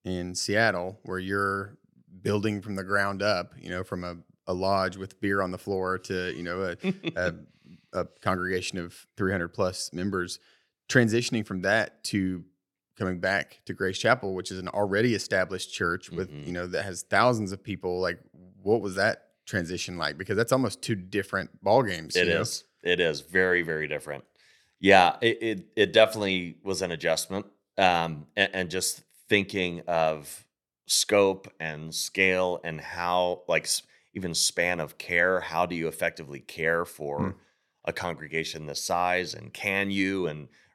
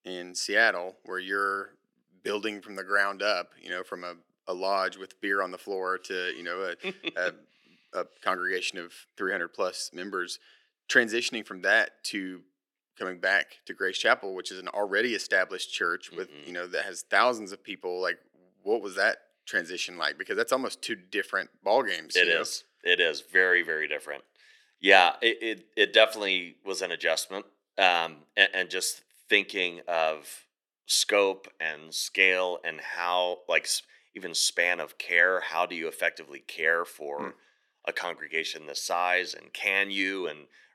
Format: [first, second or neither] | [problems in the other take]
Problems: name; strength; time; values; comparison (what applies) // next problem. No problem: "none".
first | thin; somewhat; fading below 300 Hz